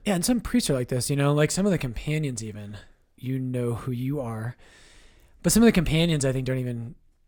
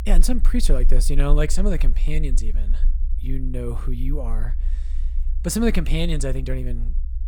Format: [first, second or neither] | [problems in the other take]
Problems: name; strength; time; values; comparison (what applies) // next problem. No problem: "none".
first | low rumble; faint; throughout; 20 dB below the speech